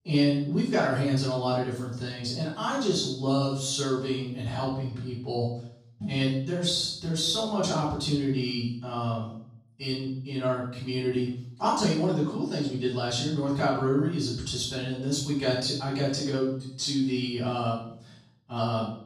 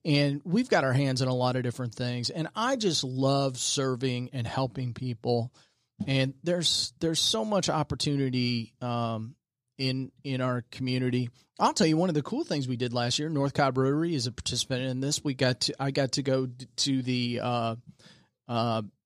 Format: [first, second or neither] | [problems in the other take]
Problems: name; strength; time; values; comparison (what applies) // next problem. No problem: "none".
second | off-mic speech; far // room echo; noticeable; dies away in 0.5 s